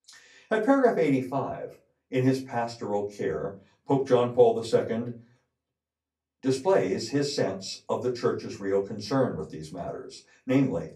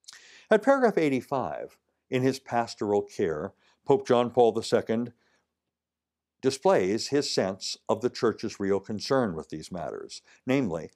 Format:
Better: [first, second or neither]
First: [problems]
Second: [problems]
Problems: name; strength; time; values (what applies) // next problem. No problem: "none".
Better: second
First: off-mic speech; far // room echo; very slight; dies away in 0.3 s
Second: none